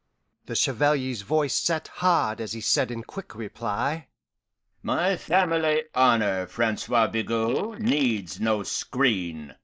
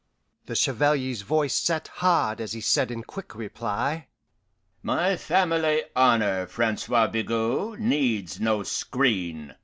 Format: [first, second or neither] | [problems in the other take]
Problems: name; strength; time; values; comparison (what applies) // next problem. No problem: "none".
second | noise reduction (neural mask model Resemble Enhance denoiser)